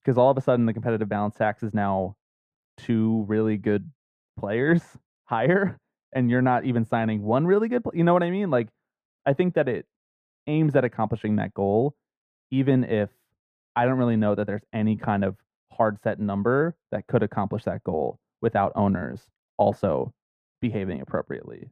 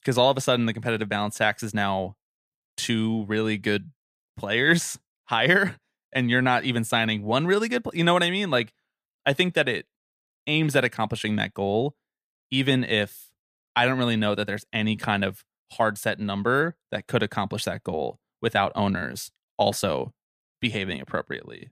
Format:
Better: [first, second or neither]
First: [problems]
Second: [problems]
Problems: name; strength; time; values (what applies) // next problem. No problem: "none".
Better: second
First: muffled; very; fading above 2 kHz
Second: none